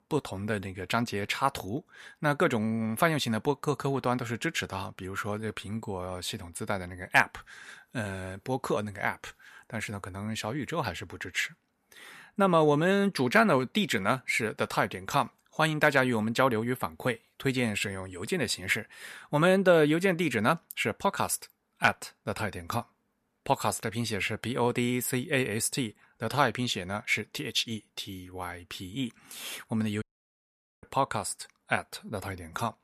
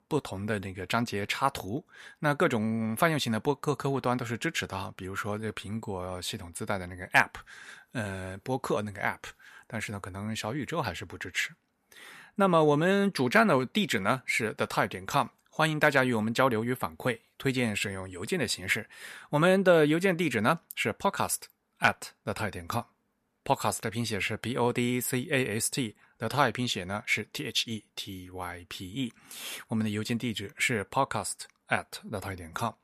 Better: second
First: audio cutting out; at 30 s for 1 s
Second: none

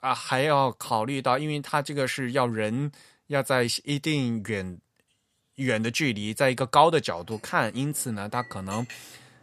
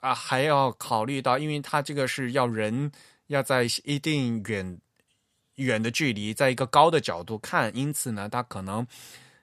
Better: second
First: household noises; noticeable; from 7 s on; 20 dB below the speech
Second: none

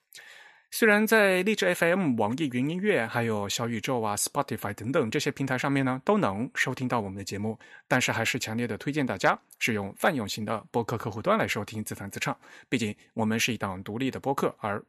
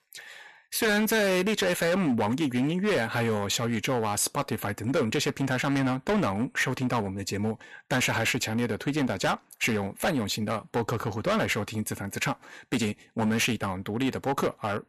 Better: first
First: none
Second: distortion; heavy; 12% of the sound clipped

